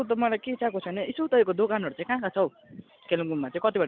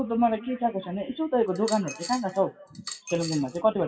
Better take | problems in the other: first | noise reduction (classical method WPE with log-MMSE)

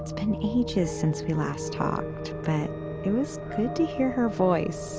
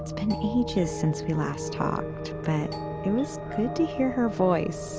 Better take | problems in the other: first | background sound (Doorbell); 19 dB below the speech

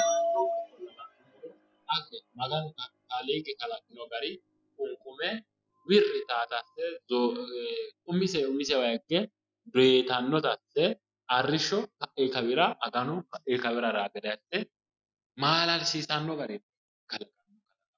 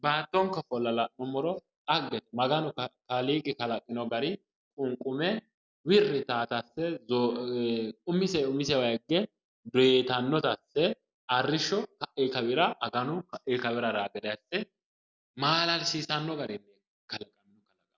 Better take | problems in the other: second | noise reduction (classical method Wiener filter)

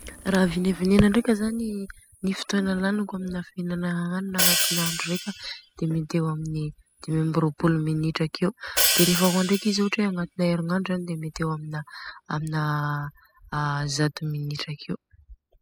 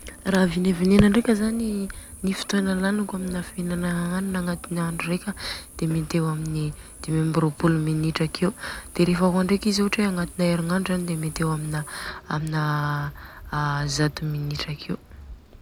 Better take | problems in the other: second | noise reduction (classical method spectral subtraction)

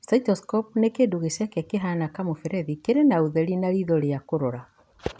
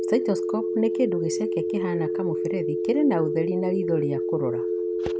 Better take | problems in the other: first | background sound (Telephone); 1 dB above the speech

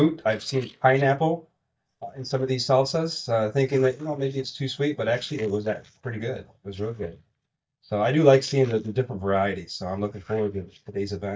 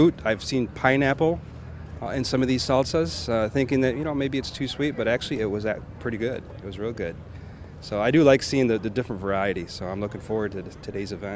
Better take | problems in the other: second | noise reduction (neural mask model DeepFilterNet 3)

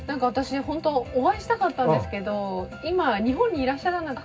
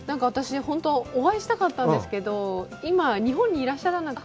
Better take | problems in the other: second | room echo; dies away in 0.4 s

